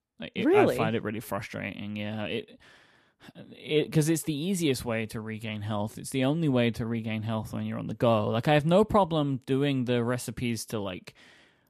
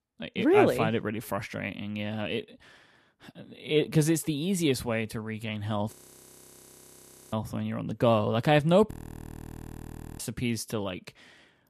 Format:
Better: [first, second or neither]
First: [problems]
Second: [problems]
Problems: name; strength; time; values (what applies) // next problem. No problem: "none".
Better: first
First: none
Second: audio freezing; at 6 s for 1.5 s and at 9 s for 1.5 s